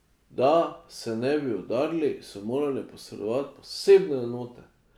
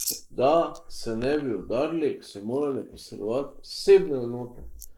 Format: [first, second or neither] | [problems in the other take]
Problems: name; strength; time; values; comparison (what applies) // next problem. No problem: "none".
first | noise reduction (neural mask model Resemble Enhance denoiser)